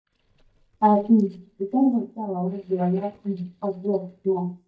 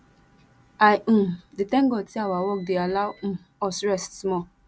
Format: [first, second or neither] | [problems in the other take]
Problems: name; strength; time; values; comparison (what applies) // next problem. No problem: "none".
second | noise reduction (neural mask model DeepFilterNet 3)